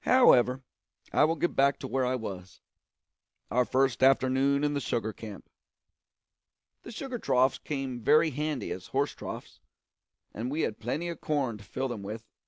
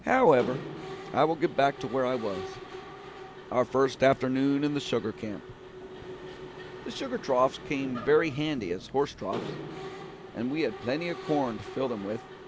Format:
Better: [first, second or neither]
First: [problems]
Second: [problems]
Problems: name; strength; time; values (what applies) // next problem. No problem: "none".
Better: first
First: none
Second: background sound (Mechanisms); 12 dB below the speech